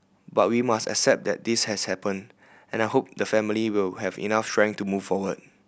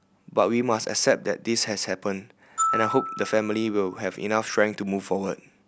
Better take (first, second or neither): first